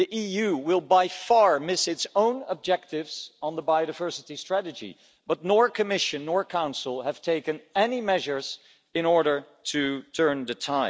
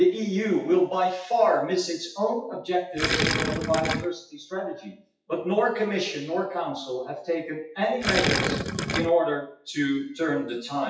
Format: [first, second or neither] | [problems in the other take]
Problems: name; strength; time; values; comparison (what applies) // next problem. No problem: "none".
first | noise reduction (classical method WPE with log-MMSE)